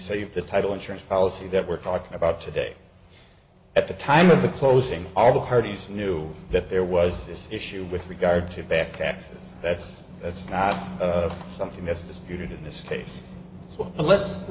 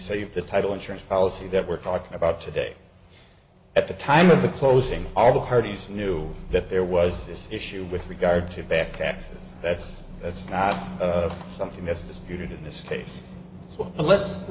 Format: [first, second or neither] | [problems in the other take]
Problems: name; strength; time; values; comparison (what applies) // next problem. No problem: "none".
first | background sound (Purr); 20 dB below the speech